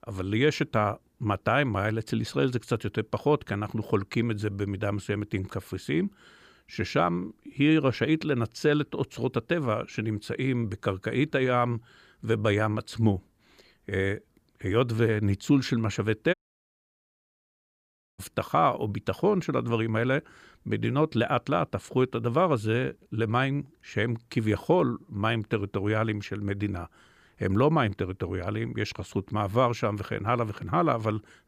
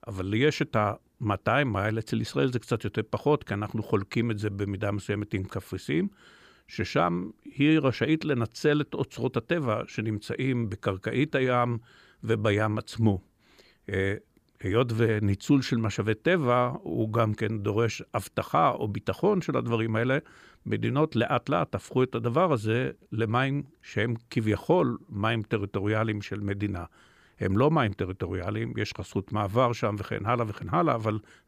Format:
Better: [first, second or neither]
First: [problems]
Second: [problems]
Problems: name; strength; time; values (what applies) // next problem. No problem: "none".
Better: second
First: audio cutting out; at 16 s for 2 s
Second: none